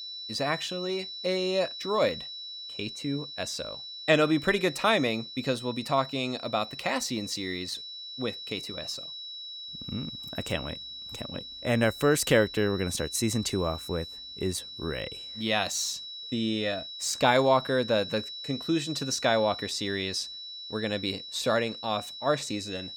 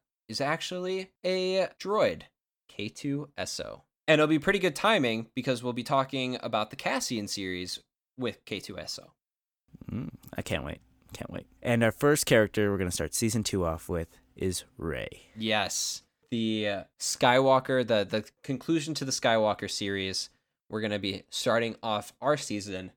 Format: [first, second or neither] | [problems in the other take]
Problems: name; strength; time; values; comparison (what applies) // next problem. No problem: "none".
second | high-pitched whine; loud; throughout; 4 kHz, 9 dB below the speech